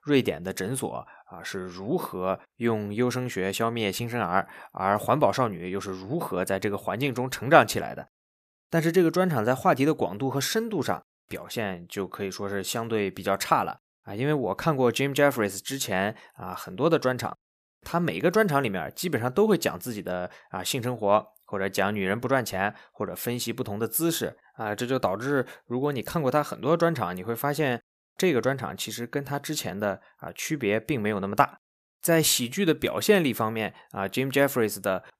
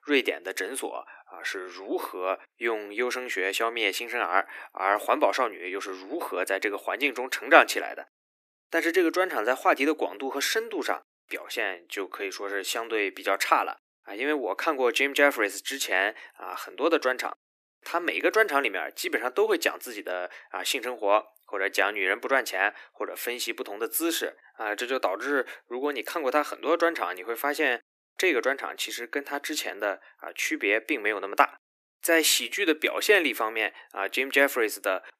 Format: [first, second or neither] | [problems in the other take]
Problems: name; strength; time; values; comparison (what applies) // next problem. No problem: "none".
first | thin; somewhat; fading below 300 Hz